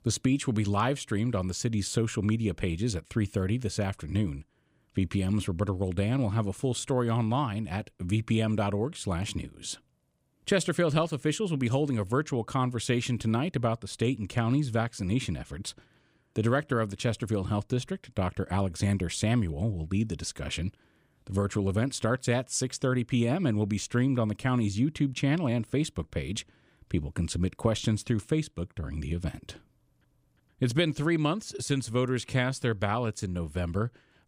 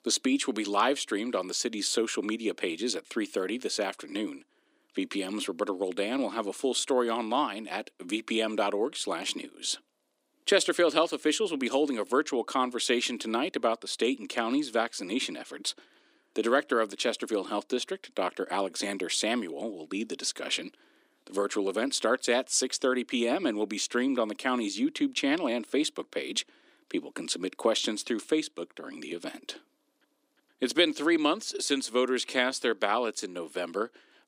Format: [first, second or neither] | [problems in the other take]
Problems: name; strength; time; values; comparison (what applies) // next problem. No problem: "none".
first | thin; somewhat; fading below 250 Hz